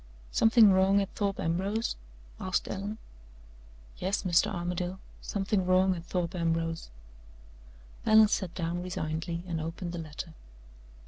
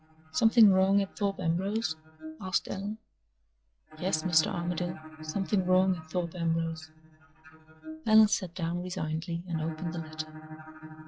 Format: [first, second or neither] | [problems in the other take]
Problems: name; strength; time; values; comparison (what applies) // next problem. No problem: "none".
first | noise reduction (classical method log-MMSE)